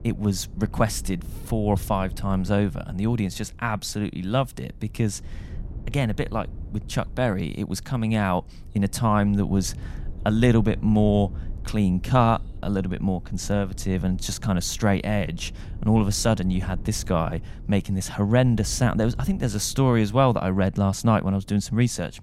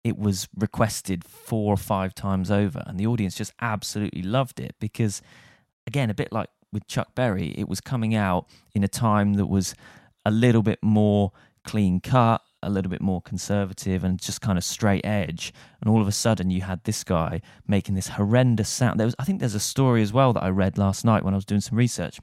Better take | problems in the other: second | low rumble; faint; throughout; 25 dB below the speech

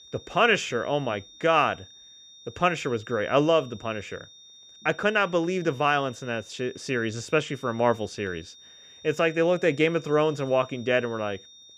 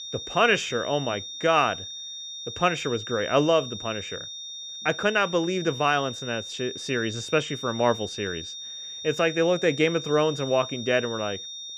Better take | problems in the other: first | high-pitched whine; loud; throughout; 3.5 kHz, 9 dB below the speech; faint in the first

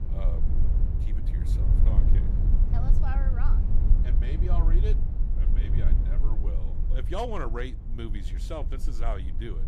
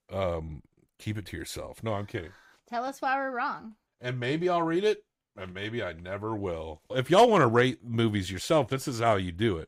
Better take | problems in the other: second | low rumble; loud; throughout; 5 dB below the speech

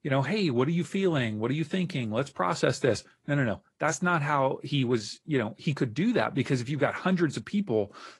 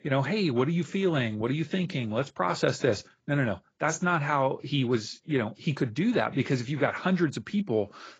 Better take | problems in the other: first | garbled, watery; badly; nothing above 7.5 kHz; slightly in the first

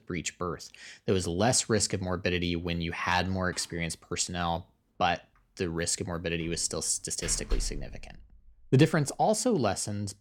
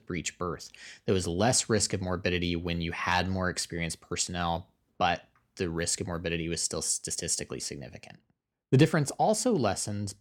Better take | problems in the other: second | door banging; noticeable; from 6.5 to 8 s; peak 8 dB below the speech

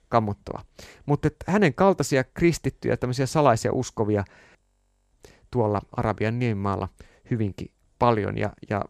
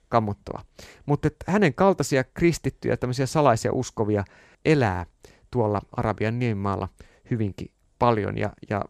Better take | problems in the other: second | audio freezing; at 4.5 s for 0.5 s

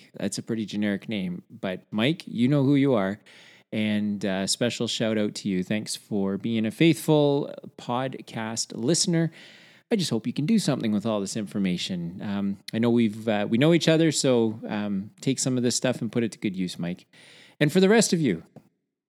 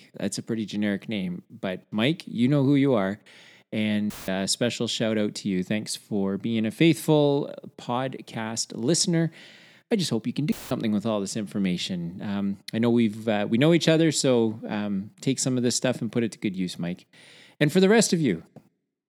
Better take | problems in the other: first | audio cutting out; filled with static; at 4 s and at 11 s

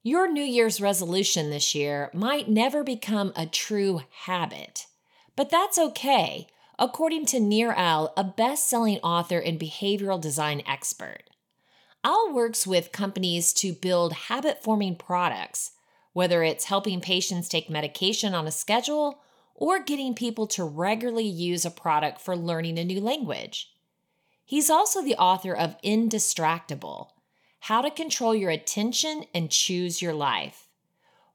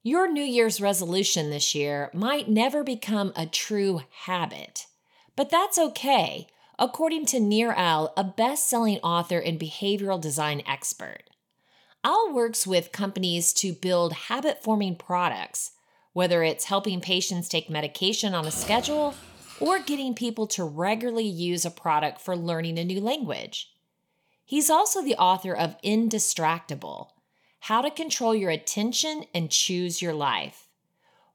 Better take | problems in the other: first | jangling keys; noticeable; from 18 to 20 s; peak 10 dB below the speech

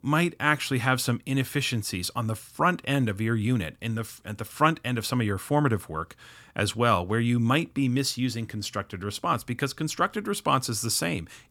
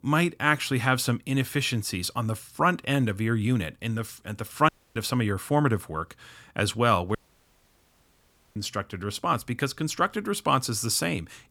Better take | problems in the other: first | audio cutting out; at 4.5 s and at 7 s for 1.5 s

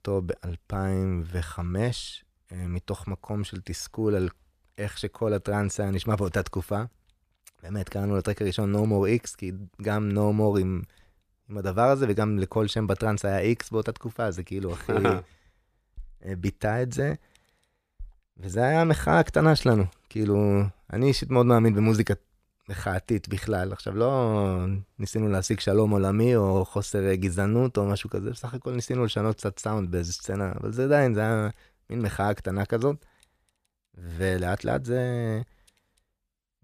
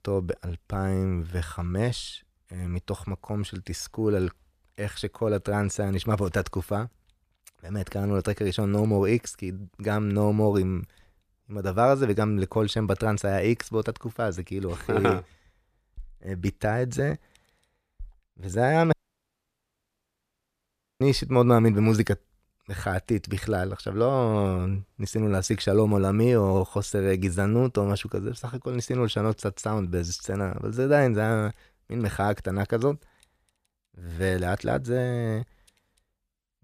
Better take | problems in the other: first | audio cutting out; at 19 s for 2 s

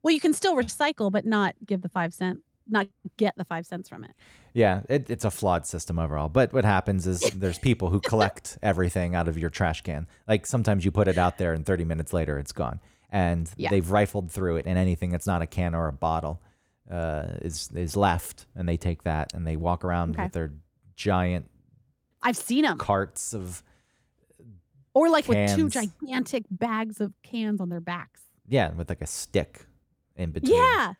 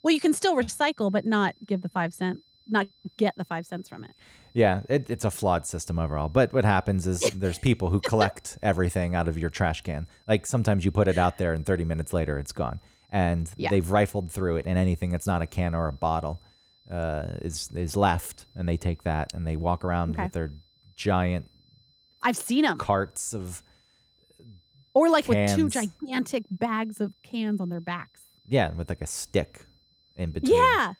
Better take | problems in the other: first | high-pitched whine; faint; throughout; 4 kHz, 35 dB below the speech

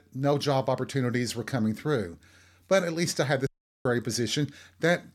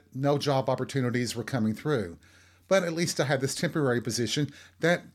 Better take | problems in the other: second | audio cutting out; at 3.5 s

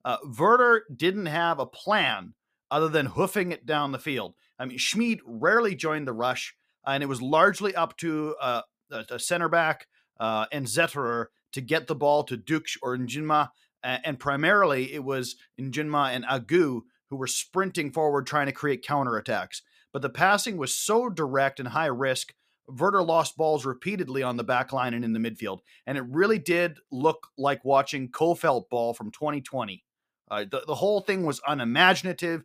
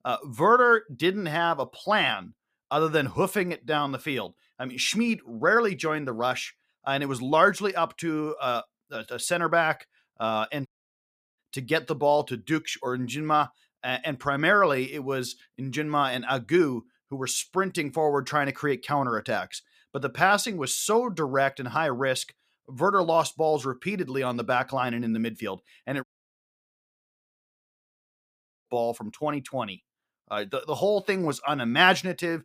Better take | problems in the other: first | audio cutting out; at 11 s for 0.5 s and at 26 s for 2.5 s

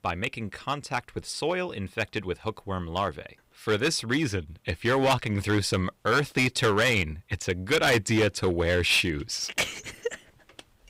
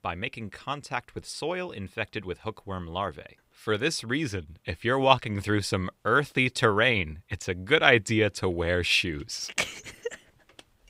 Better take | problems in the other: second | distortion; heavy; 5% of the sound clipped

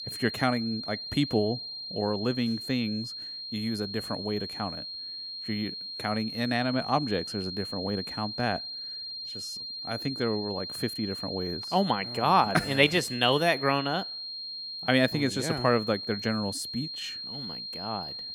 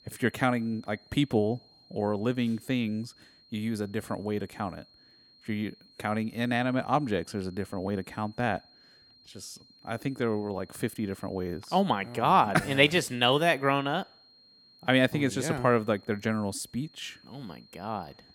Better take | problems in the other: second | high-pitched whine; loud; throughout; 4 kHz, 6 dB below the speech; faint in the second

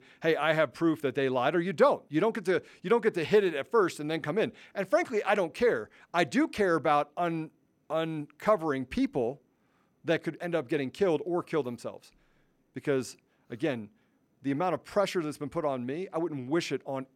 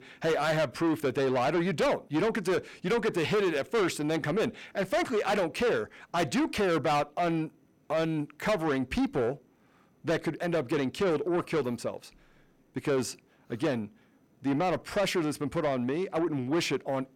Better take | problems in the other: first | distortion; heavy; 7 dB below the speech

